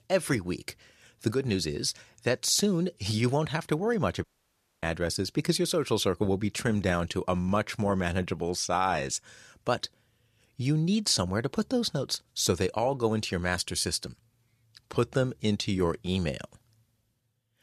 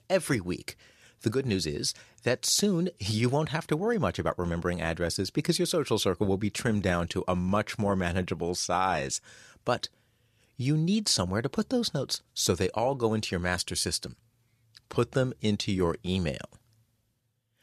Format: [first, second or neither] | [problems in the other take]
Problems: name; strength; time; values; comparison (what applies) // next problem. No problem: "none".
second | audio cutting out; at 4 s for 0.5 s